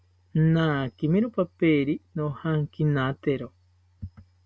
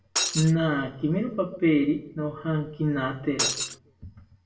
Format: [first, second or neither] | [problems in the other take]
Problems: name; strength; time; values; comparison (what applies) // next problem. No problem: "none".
first | background sound (Shatter); 1 dB below the speech // room echo; dies away in 0.6 s